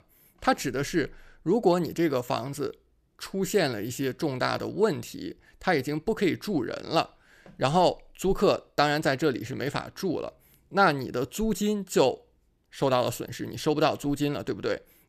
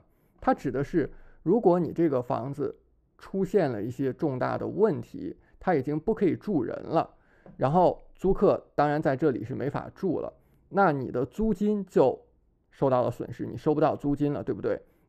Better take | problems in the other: first | muffled; very; fading above 2 kHz

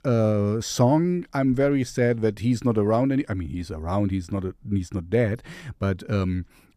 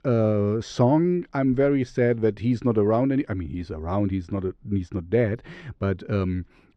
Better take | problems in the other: first | muffled; slightly; fading above 3.5 kHz

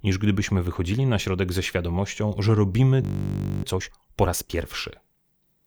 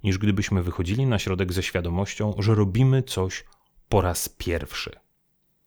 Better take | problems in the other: second | audio freezing; at 3 s for 0.5 s

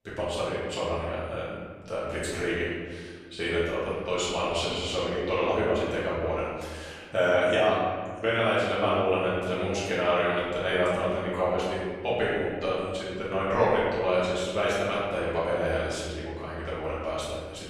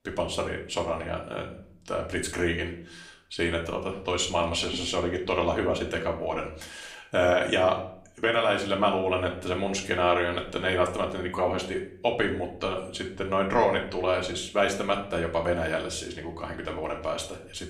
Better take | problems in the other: second | room echo; strong; dies away in 1.5 s; slight in the second // off-mic speech; far; somewhat distant in the second

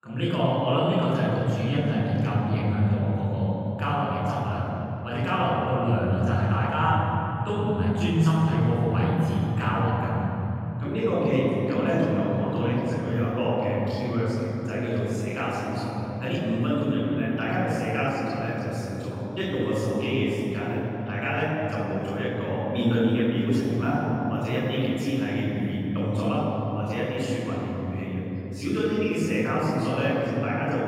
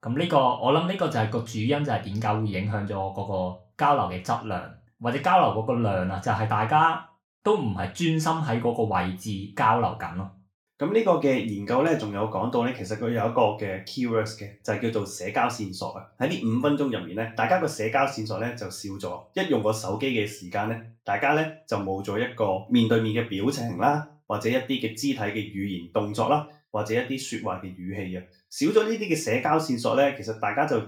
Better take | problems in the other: second | room echo; strong; dies away in 3 s; slight in the second // off-mic speech; far; far in the second

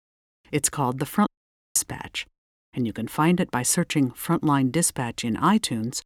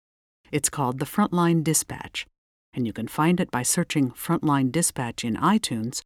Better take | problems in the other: second | audio cutting out; at 1.5 s

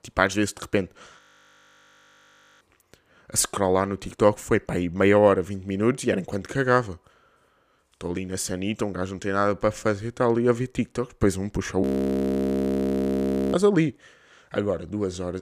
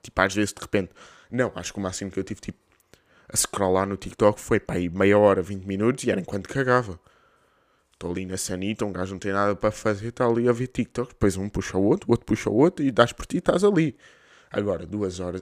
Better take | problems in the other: second | audio freezing; at 1 s for 1.5 s and at 12 s for 1.5 s

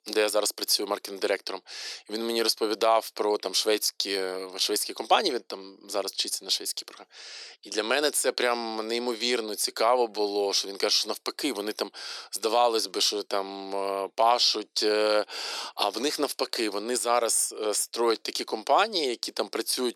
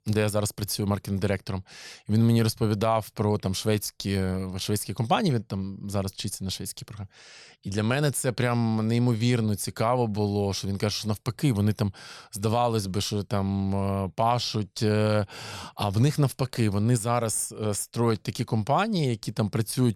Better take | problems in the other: second | thin; very; fading below 300 Hz

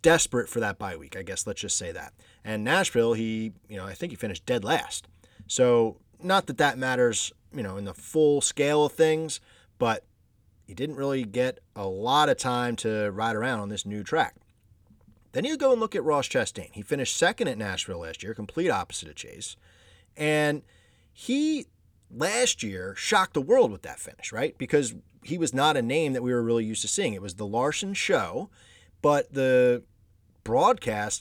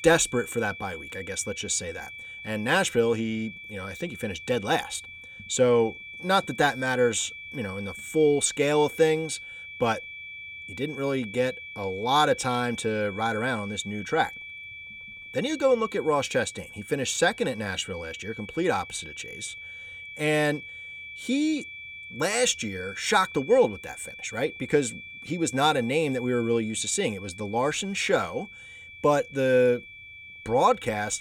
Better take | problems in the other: first | high-pitched whine; noticeable; throughout; 2.5 kHz, 15 dB below the speech

